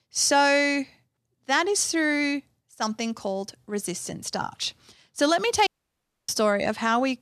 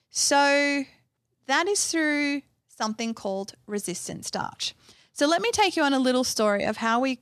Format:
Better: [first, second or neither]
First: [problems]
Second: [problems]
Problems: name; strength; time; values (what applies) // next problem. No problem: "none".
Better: second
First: audio cutting out; at 5.5 s for 0.5 s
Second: none